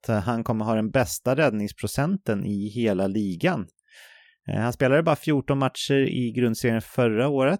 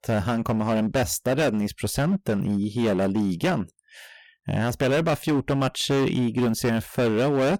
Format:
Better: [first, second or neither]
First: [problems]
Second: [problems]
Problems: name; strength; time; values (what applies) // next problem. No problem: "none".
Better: first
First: none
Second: distortion; heavy; 17% of the sound clipped